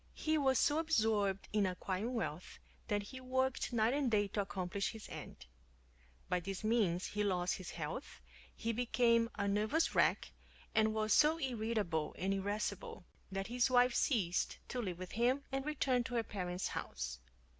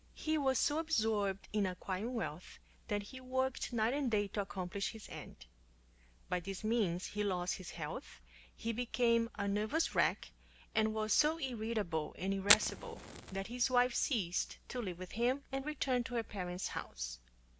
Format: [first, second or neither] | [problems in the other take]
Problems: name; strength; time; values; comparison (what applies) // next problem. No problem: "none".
first | background sound (Fire); 11 dB below the speech